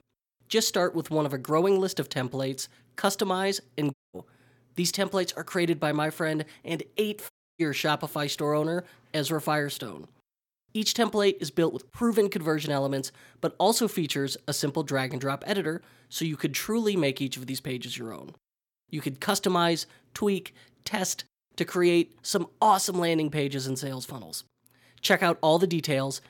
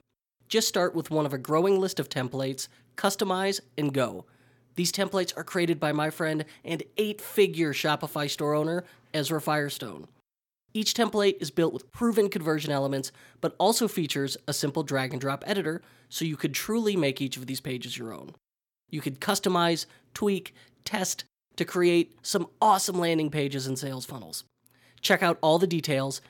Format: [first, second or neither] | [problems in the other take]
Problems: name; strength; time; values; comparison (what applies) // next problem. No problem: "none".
second | audio cutting out; at 4 s and at 7.5 s